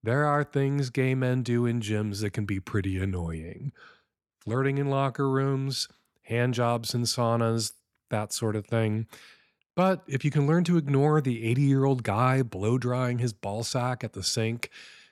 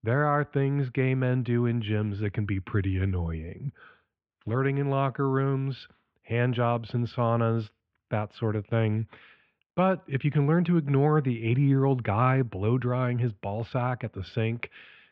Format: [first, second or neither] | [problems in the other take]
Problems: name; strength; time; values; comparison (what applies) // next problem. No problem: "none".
first | muffled; very; fading above 3 kHz